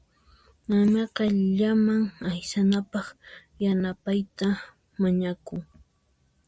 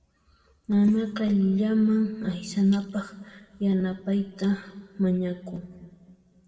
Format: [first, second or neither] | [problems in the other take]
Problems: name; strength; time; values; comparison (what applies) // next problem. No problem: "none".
first | room echo; dies away in 1.6 s